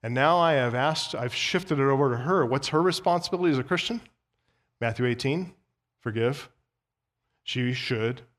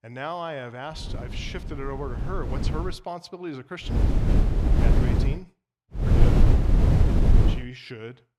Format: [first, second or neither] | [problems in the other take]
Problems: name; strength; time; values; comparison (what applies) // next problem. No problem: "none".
first | wind noise on the microphone; heavy; from 1 to 3 s, from 4 to 5.5 s and from 6 to 7.5 s; 2 dB above the speech